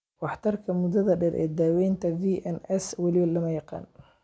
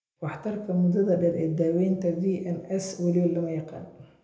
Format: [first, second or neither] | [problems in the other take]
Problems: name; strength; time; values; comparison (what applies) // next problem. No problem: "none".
first | room echo; dies away in 0.8 s